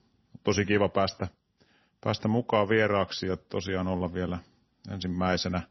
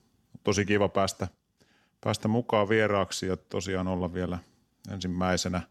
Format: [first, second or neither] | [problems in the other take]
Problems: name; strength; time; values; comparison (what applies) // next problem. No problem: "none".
second | garbled, watery; slightly; nothing above 6 kHz